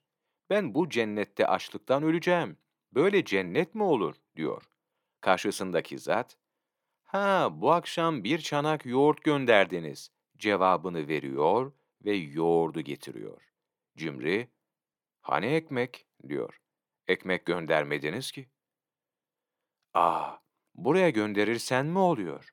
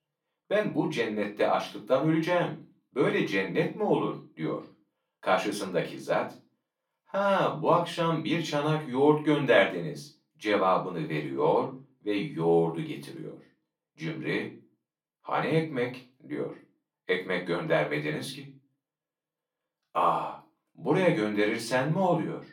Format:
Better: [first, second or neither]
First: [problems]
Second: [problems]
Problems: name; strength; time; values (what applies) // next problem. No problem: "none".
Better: first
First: none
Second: off-mic speech; far // room echo; very slight; dies away in 0.3 s